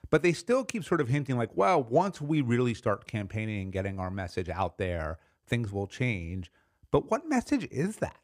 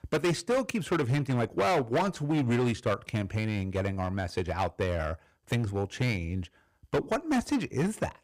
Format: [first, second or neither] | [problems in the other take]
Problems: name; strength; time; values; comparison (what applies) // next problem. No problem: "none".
first | distortion; heavy; 11% of the sound clipped